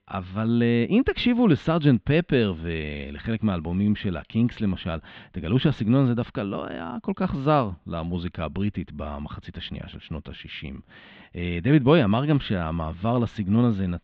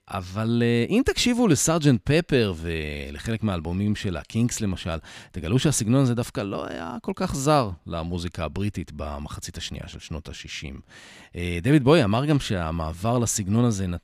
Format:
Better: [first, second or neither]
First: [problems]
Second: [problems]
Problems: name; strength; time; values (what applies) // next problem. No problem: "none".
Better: second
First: muffled; very; fading above 3.5 kHz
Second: none